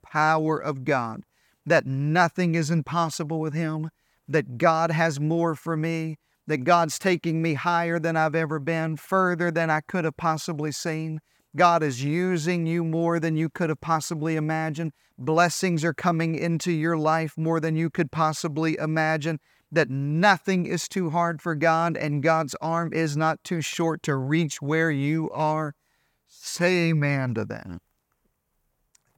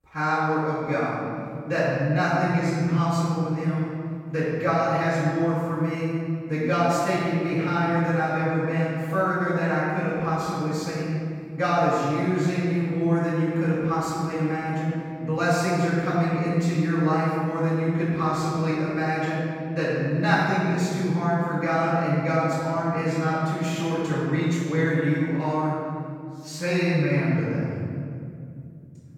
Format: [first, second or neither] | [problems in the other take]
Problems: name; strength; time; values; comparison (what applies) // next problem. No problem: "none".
first | off-mic speech; far // room echo; strong; dies away in 2.8 s